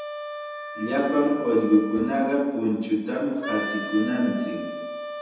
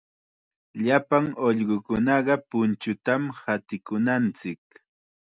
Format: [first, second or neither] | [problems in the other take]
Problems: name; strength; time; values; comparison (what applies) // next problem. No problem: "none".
second | background sound (Wind instrument, woodwind instrument); 10 dB below the speech // room echo; dies away in 1.1 s